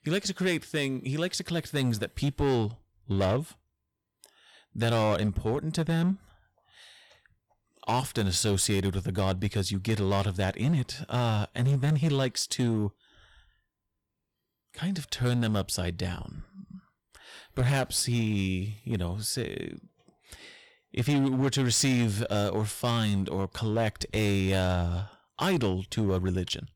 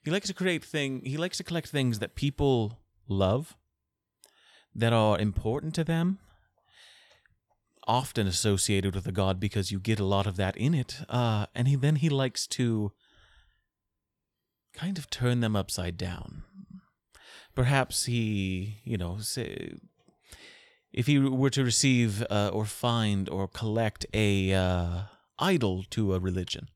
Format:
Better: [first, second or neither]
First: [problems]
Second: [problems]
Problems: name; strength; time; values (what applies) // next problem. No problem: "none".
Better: second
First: distortion; slight; 7% of the sound clipped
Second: none